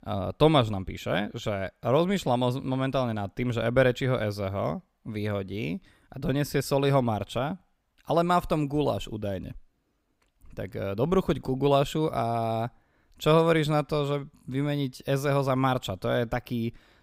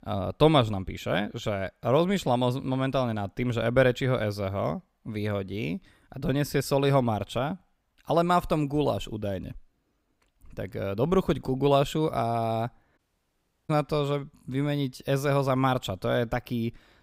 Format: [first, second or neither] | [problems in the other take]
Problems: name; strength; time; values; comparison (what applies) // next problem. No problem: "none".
first | audio cutting out; at 13 s for 0.5 s